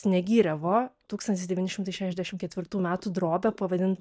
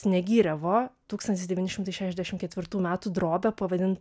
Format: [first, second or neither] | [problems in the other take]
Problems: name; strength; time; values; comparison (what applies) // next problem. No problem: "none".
second | noise reduction (neural mask model DeepFilterNet 3)